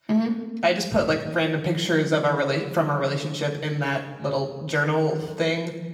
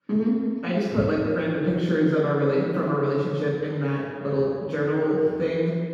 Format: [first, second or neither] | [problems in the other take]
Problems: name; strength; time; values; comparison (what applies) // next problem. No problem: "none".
first | room echo; strong; dies away in 1.8 s; slight in the first // off-mic speech; far; somewhat distant in the first